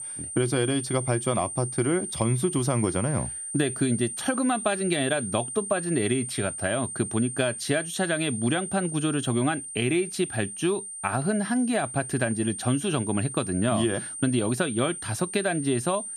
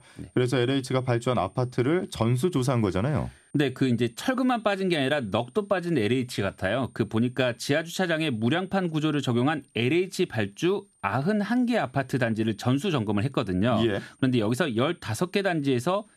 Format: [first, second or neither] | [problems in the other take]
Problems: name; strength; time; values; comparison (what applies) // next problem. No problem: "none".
second | high-pitched whine; loud; throughout; 9 kHz, 6 dB below the speech; faint in the second